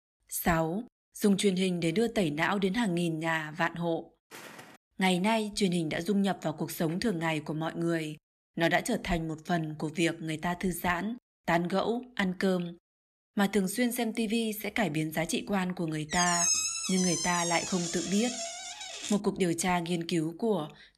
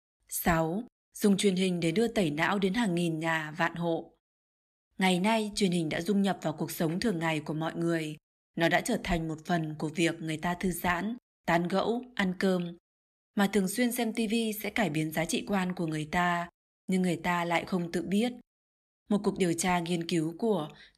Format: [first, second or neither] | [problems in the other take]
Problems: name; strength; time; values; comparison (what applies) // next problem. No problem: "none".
second | footsteps; faint; at 4.5 s; peak 15 dB below the speech // door banging; loud; from 16 to 19 s; peak 5 dB above the speech